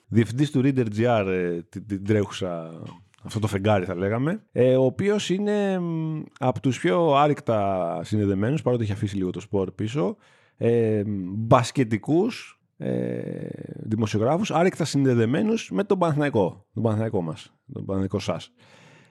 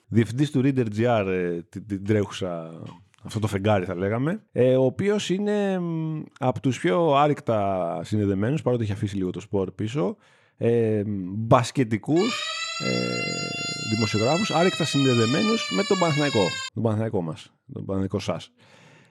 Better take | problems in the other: first | siren; noticeable; from 12 to 17 s; peak 2 dB below the speech

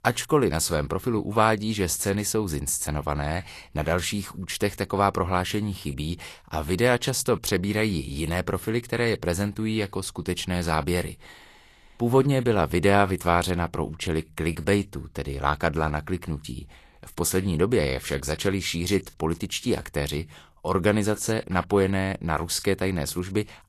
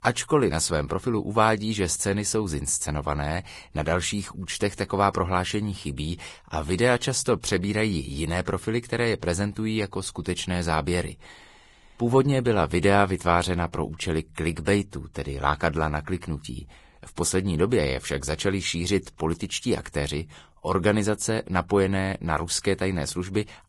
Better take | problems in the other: first | garbled, watery; badly; nothing above 10.5 kHz; slightly in the first

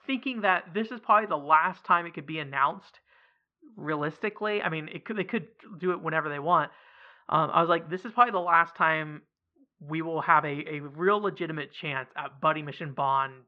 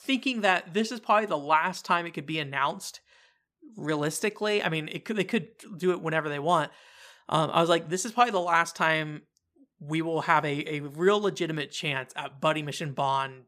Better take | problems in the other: second | muffled; very; fading above 3 kHz

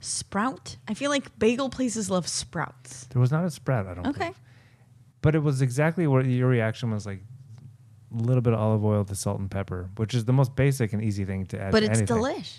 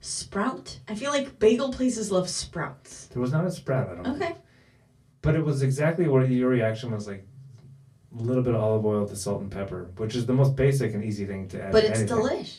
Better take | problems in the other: first | off-mic speech; far // room echo; very slight; dies away in 0.2 s

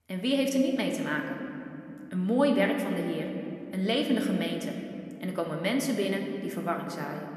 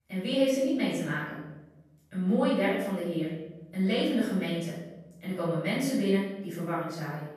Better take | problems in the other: first | room echo; strong; dies away in 0.9 s; slight in the first // off-mic speech; far

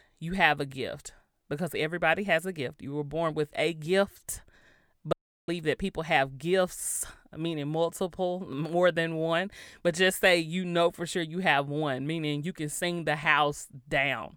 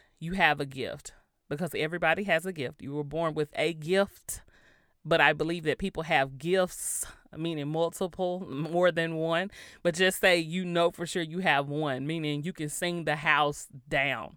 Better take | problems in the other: second | audio cutting out; at 5 s

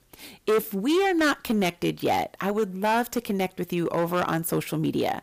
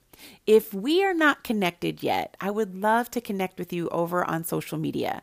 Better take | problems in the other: second | distortion; heavy; 9% of the sound clipped

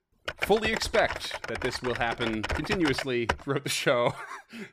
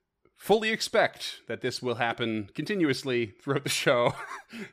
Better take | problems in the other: second | keyboard typing; noticeable; until 3.5 s; peak 3 dB below the speech

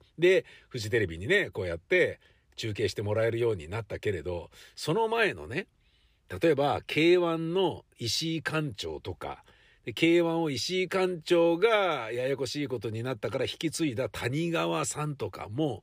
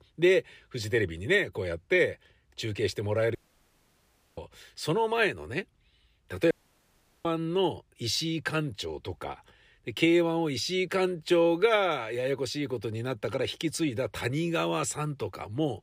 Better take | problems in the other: first | audio cutting out; at 3.5 s for 1 s and at 6.5 s for 0.5 s

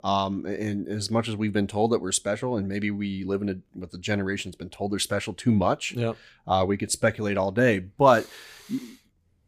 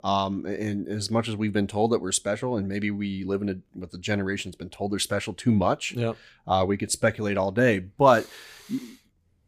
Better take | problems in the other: neither | none

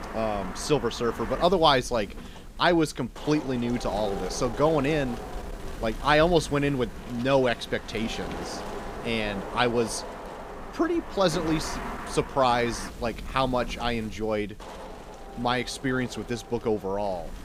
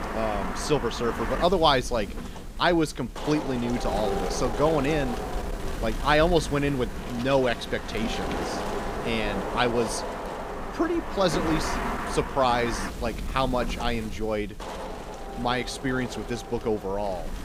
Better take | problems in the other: first | wind noise on the microphone; heavy; 7 dB below the speech; occasional gusts in the first

